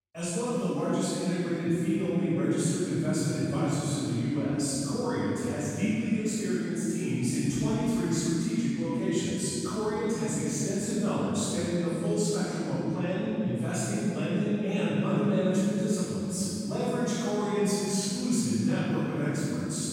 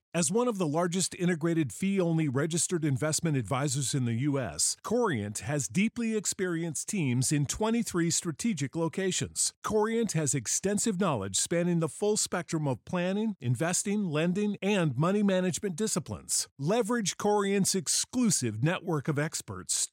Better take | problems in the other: second | room echo; strong; dies away in 3 s // off-mic speech; far

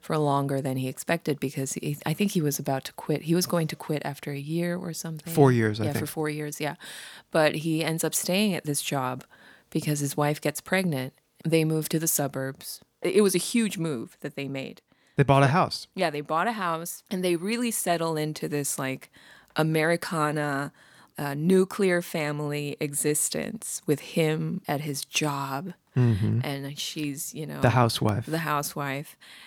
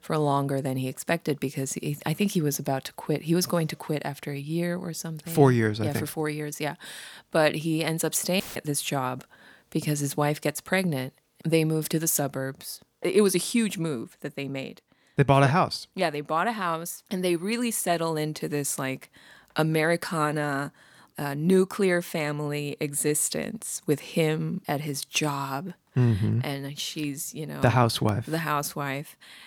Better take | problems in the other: first | audio cutting out; filled with static; at 8.5 s

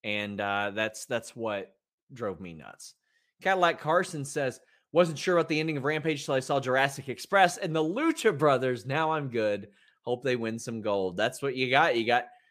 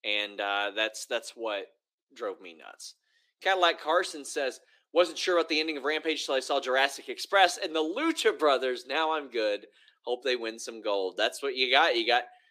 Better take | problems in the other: first | thin; somewhat; fading below 300 Hz

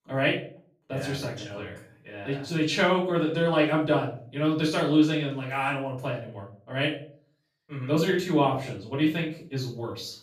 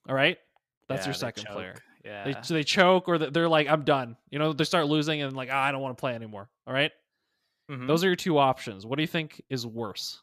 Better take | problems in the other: second | room echo; slight; dies away in 0.4 s // off-mic speech; far

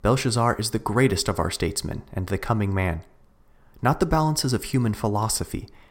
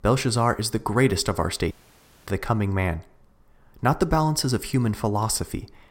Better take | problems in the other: first | audio cutting out; at 1.5 s for 0.5 s

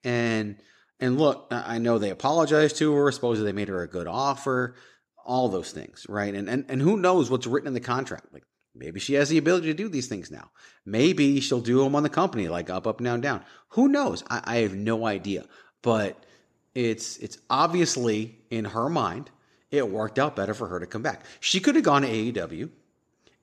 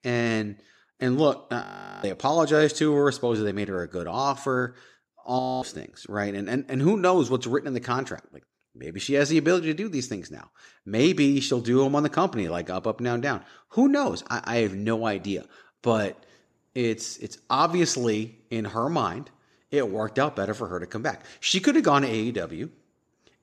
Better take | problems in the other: first | audio freezing; at 1.5 s and at 5.5 s

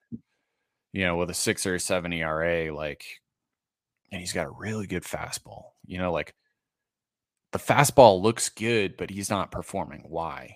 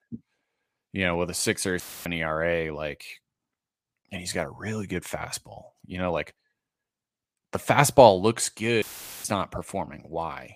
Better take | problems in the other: first | audio cutting out; filled with static; at 2 s and at 9 s

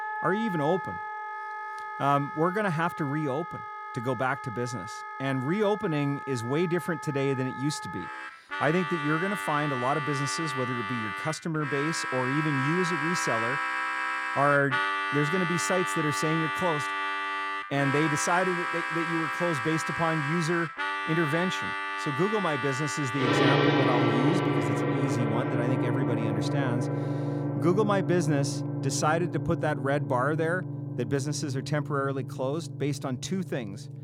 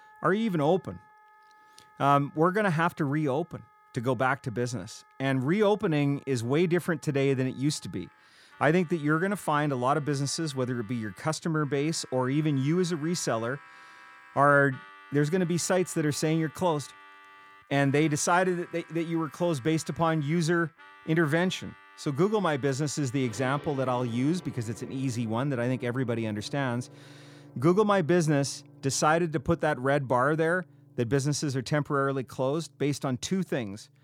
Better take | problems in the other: second | background music; loud; throughout; 1 dB below the speech; faint in the second

